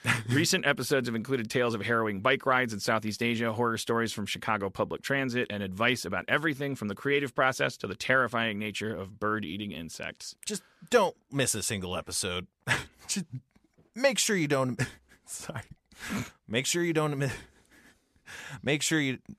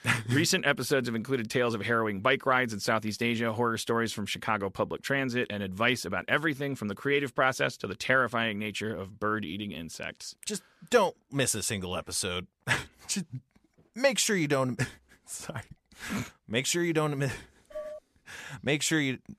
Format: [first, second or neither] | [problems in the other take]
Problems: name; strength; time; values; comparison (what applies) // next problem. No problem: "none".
first | clattering dishes; faint; at 18 s; peak 10 dB below the speech